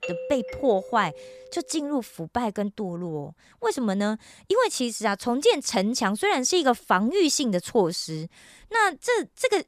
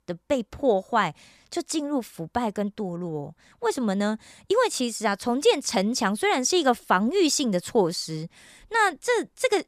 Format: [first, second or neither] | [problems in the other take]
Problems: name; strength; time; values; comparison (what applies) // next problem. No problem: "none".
second | doorbell; noticeable; until 1.5 s; peak 7 dB below the speech